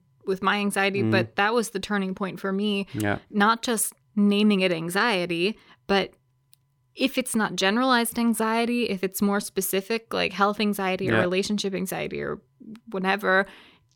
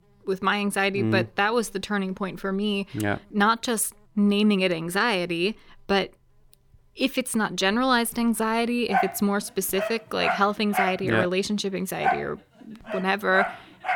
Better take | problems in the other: first | animal sounds; loud; throughout; 5 dB below the speech

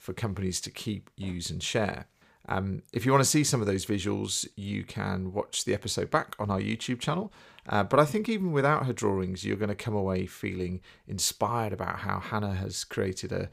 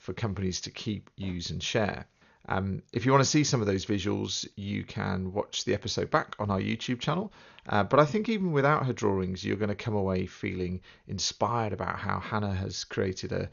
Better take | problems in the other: first | garbled, watery; slightly; nothing above 6.5 kHz

